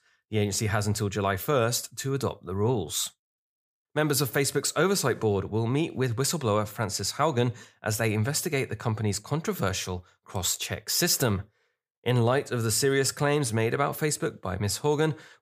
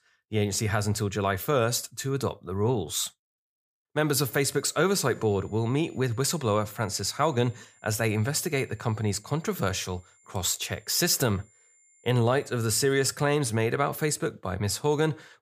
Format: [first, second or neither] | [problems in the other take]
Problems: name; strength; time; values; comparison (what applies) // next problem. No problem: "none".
first | high-pitched whine; faint; from 4 to 13 s; 7.5 kHz, 30 dB below the speech